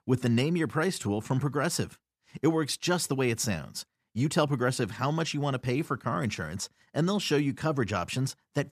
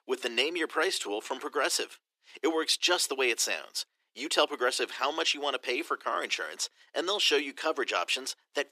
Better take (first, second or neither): first